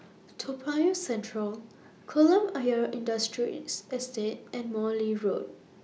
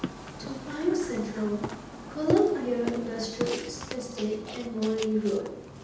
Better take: first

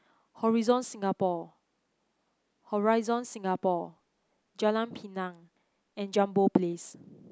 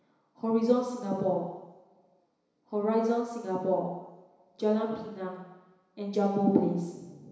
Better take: first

